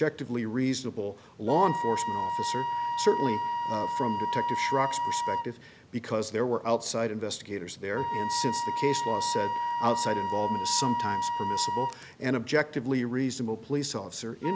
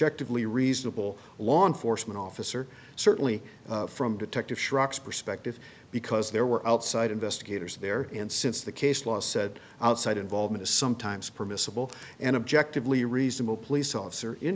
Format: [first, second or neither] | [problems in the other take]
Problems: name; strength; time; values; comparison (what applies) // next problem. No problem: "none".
second | background sound (Wind instrument, woodwind instrument); 2 dB below the speech